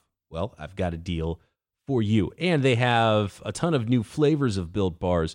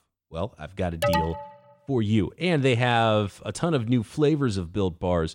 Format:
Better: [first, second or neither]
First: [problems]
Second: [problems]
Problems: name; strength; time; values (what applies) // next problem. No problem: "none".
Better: first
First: none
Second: alarm; loud; at 1 s; peak level with the speech